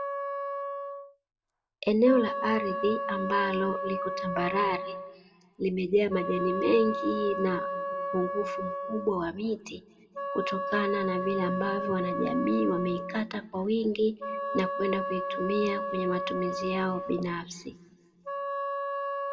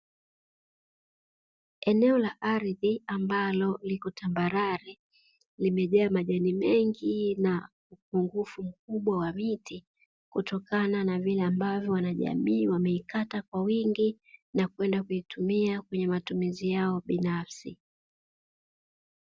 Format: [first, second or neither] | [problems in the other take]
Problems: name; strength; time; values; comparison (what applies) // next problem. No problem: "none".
second | background sound (Wind instrument, woodwind instrument); 4 dB below the speech // room echo; dies away in 1.3 s